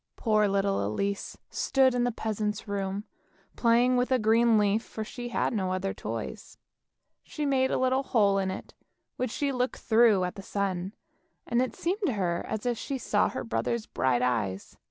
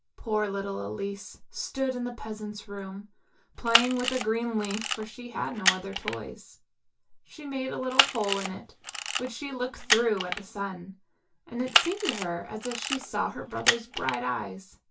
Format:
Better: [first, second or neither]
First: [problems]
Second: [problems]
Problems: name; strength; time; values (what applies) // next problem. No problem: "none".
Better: first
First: none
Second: background sound (Camera); 2 dB above the speech // room echo; dies away in 0.2 s